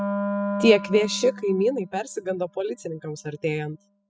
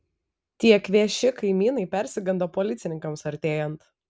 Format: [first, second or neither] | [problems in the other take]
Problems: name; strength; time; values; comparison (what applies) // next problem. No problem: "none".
second | noise reduction (classical method spectral subtraction)